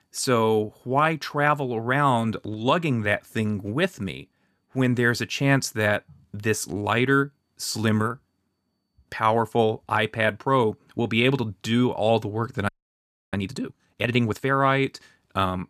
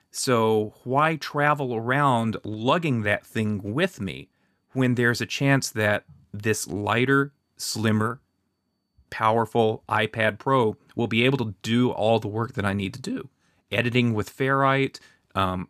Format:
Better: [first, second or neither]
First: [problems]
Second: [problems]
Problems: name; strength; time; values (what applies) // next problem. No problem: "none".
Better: second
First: audio freezing; at 13 s for 0.5 s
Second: none